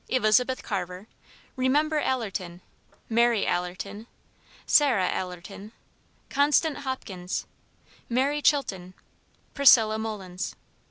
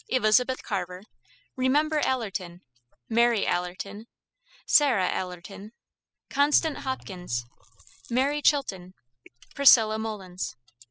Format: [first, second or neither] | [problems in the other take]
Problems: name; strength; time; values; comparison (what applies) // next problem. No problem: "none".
first | noise reduction (classical method spectral subtraction)